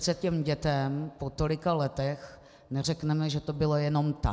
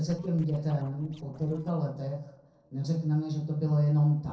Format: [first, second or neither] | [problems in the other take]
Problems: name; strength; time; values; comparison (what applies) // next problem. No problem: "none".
first | noise reduction (neural separator model SepFormer DNS4)